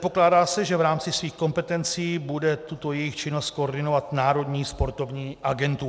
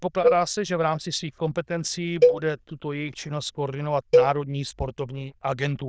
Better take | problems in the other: first | noise reduction (neural diffusion model UNIVERSE++)

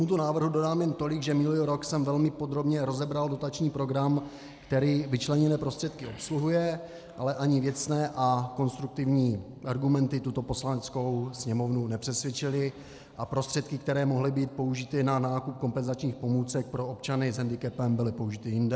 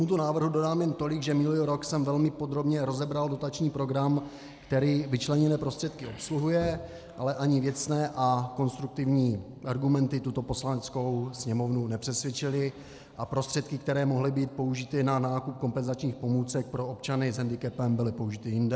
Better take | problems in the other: first | background sound (Bowed string instrument); 16 dB below the speech

